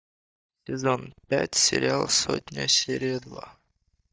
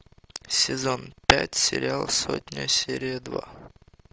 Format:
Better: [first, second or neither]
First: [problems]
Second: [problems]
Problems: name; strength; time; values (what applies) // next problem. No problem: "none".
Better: second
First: noise reduction (neural mask model DeepFilterNet 3)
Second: none